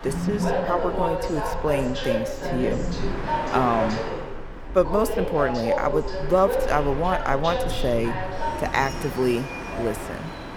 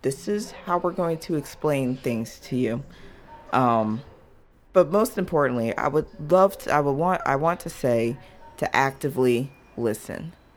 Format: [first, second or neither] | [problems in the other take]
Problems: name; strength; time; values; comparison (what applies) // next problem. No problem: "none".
second | train or aircraft noise; loud; throughout; 3 dB below the speech; faint in the second